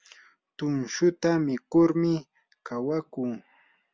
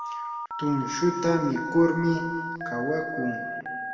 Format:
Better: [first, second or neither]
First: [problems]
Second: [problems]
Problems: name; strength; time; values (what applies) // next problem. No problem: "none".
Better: first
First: none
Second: background sound (Telephone); 6 dB below the speech // room echo; dies away in 2 s